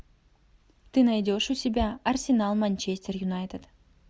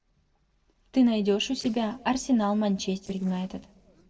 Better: first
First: none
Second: noise reduction (neural separator model SepFormer DNS4)

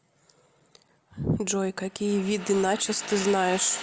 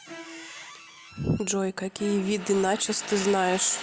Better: first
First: none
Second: background sound (Bowed string instrument + Squeak); 19 dB below the speech

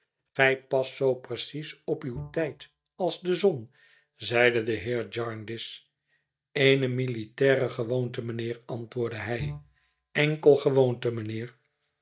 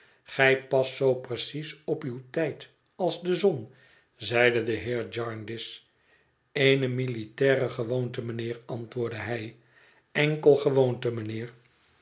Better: second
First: noise reduction (neural mask model DeepFilterNet 3)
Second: none

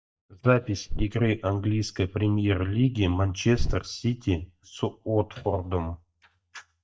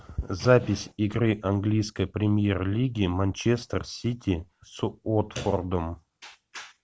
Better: second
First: noise reduction (neural mask model DeepFilterNet 3)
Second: none

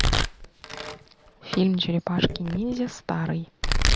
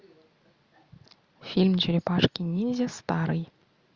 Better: second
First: background sound (Domestic sounds, home sounds); as loud as the speech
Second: none

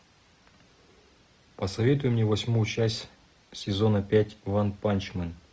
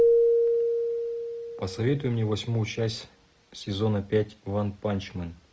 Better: first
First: none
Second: background sound (Keyboard (musical)); 1 dB above the speech

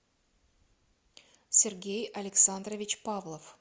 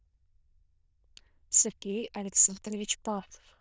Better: first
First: none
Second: noise reduction (neural diffusion model UNIVERSE++)

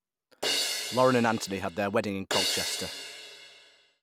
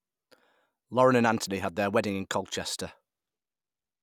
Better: second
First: background sound (Crash cymbal); 3 dB below the speech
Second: none

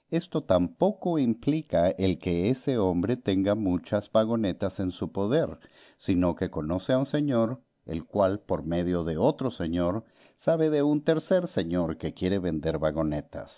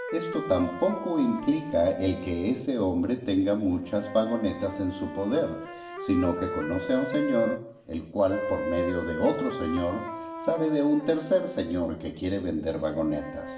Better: first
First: none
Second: background sound (Wind instrument, woodwind instrument); 9 dB below the speech // room echo; dies away in 0.8 s

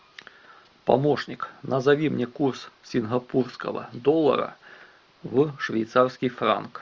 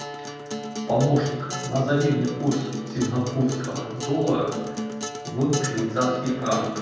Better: first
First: none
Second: background sound (Acoustic guitar); 8 dB below the speech // room echo; dies away in 1.2 s

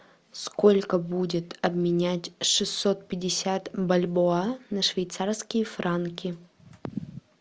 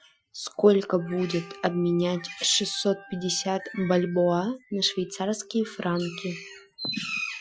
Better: first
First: none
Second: noise reduction (classical method Wiener filter)

